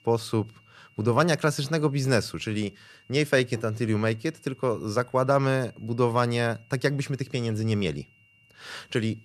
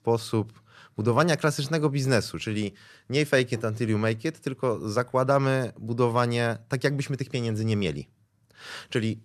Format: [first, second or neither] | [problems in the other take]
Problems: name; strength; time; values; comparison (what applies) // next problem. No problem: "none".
second | high-pitched whine; faint; throughout; 3 kHz, 30 dB below the speech